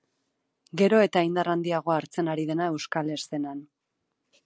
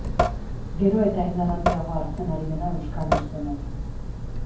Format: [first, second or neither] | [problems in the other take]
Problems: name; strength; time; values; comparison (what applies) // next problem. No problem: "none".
first | background sound (Drip / Sink (filling or washing) / Water tap, faucet); as loud as the speech // room echo; dies away in 0.9 s